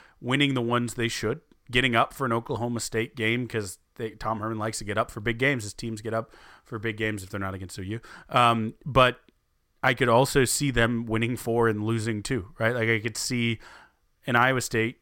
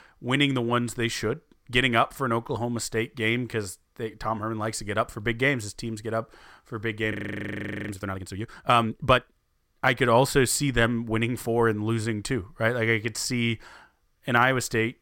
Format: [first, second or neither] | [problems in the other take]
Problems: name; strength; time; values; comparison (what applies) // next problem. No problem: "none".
first | audio freezing; at 7 s for 1 s